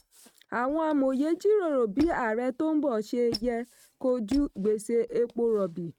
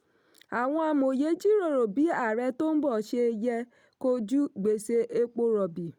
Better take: second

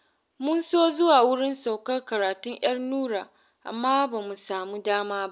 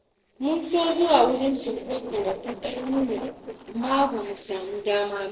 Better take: first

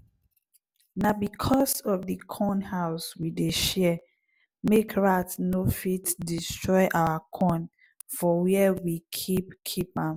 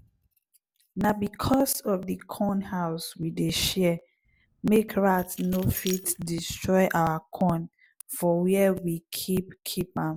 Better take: first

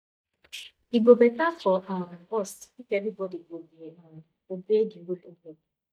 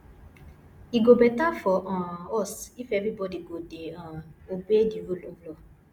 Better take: second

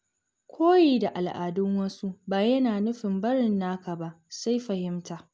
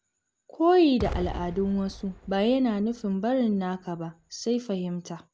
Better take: first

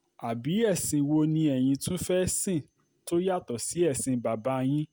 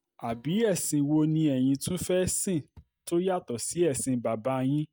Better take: first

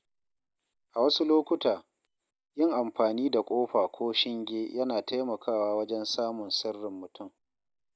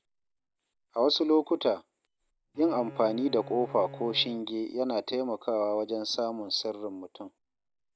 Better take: first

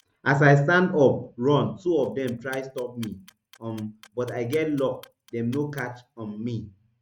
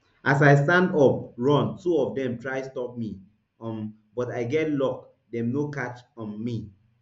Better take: second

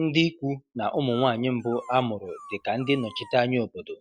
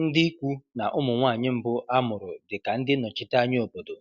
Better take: second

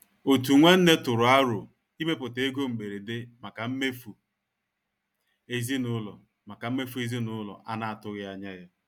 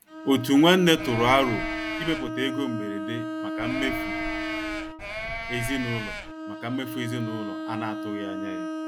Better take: first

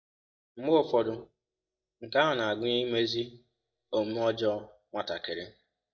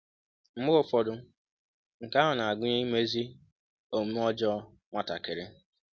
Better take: second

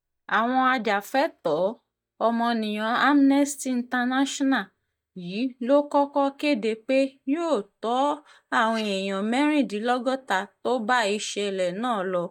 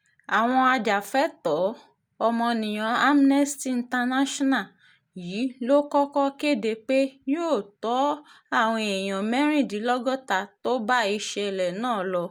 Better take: second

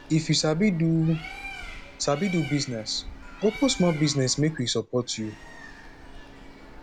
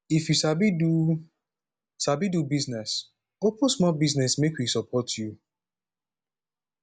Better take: second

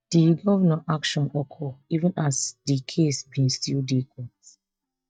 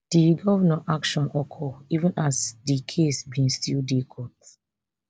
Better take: second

